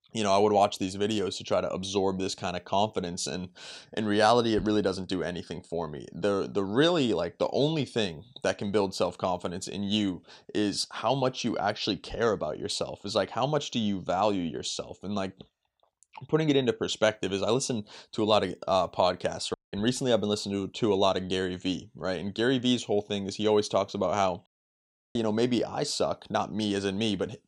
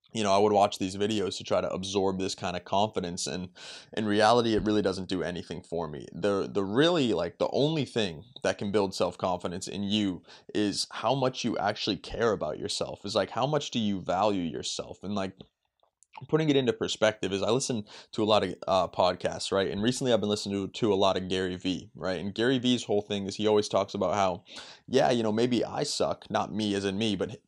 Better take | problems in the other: second | audio cutting out; at 20 s and at 24 s for 0.5 s

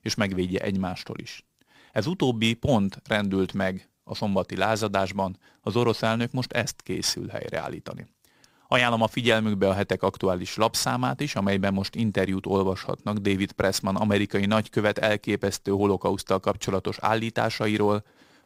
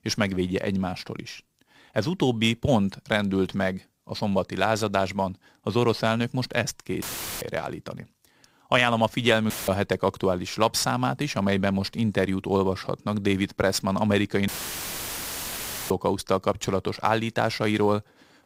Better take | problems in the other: first | audio cutting out; filled with static; at 7 s, at 9.5 s and at 14 s for 1.5 s

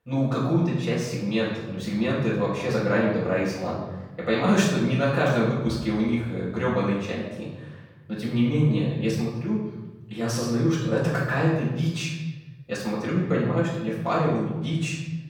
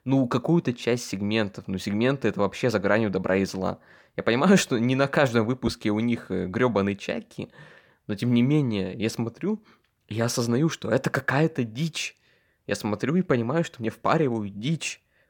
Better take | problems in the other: second | off-mic speech; far // room echo; noticeable; dies away in 1.3 s

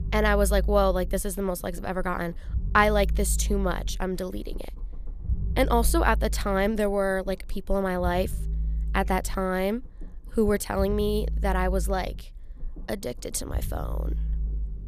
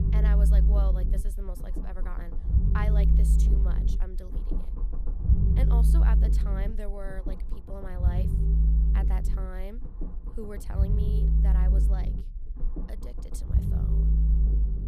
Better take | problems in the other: first | low rumble; loud; throughout; 1 dB below the speech; faint in the first

